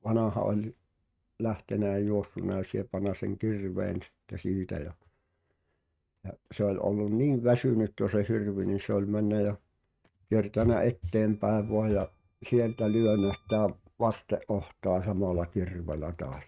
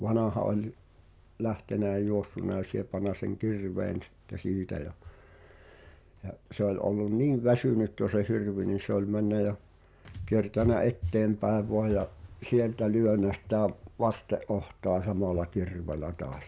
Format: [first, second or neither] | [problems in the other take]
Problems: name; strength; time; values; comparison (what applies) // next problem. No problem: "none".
second | noise reduction (neural mask model RNNoise)